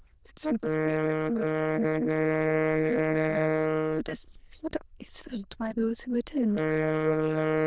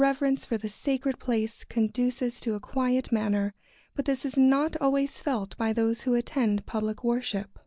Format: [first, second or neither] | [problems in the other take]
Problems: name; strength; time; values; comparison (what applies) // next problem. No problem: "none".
second | noise reduction (neural diffusion model UNIVERSE++)